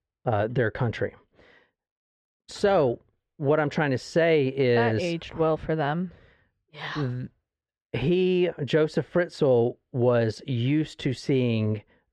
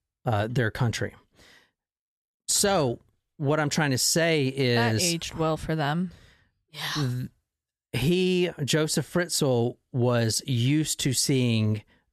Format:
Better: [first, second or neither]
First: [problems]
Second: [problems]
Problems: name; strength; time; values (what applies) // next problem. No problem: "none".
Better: second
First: muffled; very; fading above 2.5 kHz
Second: none